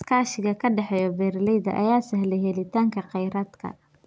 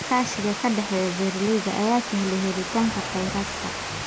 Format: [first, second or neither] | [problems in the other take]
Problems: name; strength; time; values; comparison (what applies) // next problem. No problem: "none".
first | background sound (Water); 6 dB below the speech